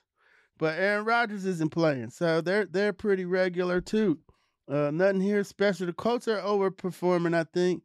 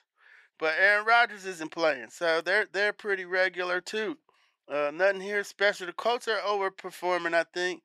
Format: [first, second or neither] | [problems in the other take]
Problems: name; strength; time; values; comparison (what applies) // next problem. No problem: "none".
first | thin; very; fading below 600 Hz